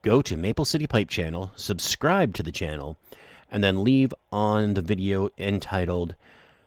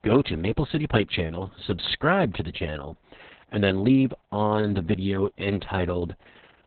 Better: first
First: garbled, watery; slightly; nothing above 17.5 kHz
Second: garbled, watery; badly; nothing above 4 kHz

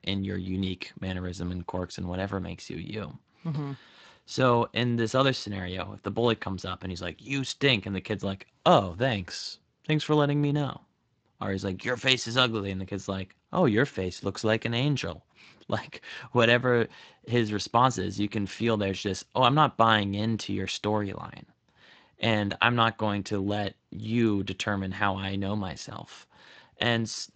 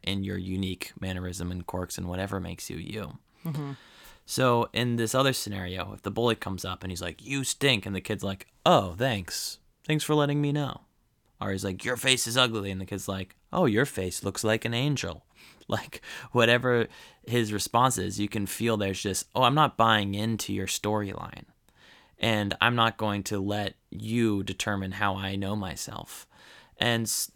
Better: second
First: garbled, watery; slightly; nothing above 7.5 kHz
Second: none

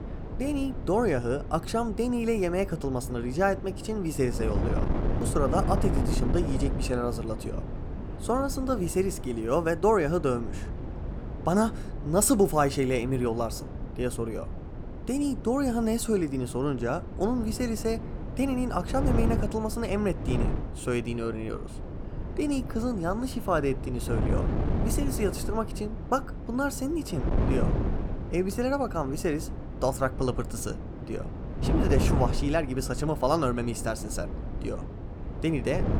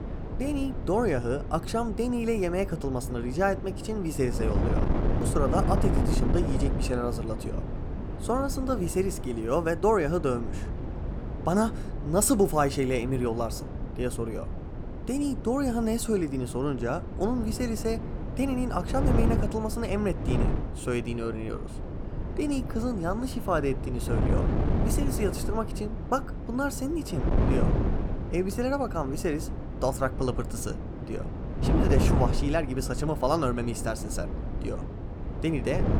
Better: first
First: wind noise on the microphone; occasional gusts; 10 dB below the speech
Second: wind noise on the microphone; heavy; 8 dB below the speech

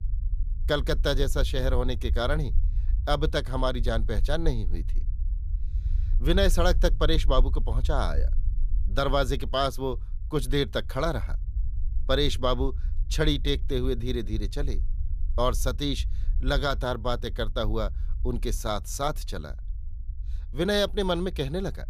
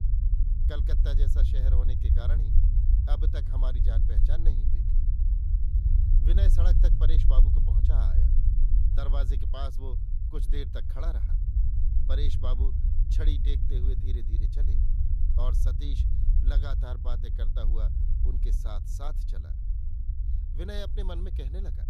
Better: first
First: low rumble; faint; throughout; 25 dB below the speech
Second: low rumble; loud; throughout; 4 dB below the speech

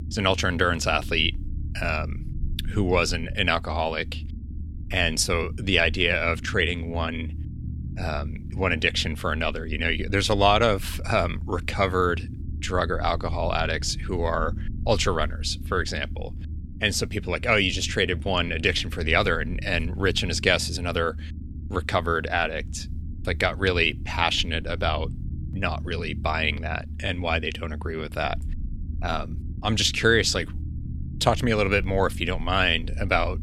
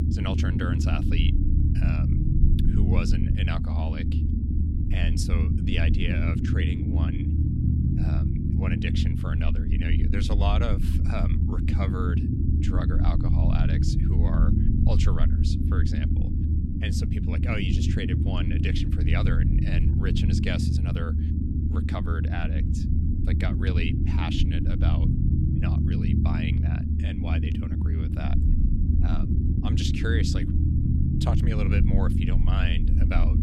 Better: first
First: low rumble; faint; throughout; 25 dB below the speech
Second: low rumble; loud; throughout; as loud as the speech

